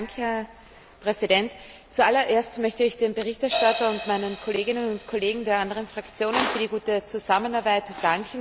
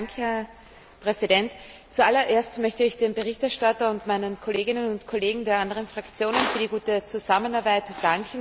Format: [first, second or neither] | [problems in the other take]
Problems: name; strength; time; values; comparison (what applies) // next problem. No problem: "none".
second | background sound (Crash cymbal); 13 dB below the speech